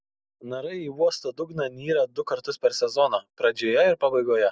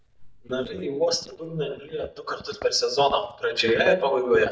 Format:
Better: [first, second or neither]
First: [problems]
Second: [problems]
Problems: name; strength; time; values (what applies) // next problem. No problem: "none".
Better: first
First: none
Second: noise reduction (neural mask model DeepFilterNet 3)